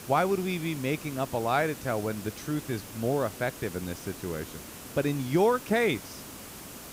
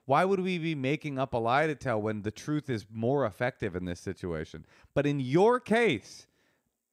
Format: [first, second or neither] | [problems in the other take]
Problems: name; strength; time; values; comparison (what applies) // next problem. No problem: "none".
second | hiss; noticeable; throughout; 10 dB below the speech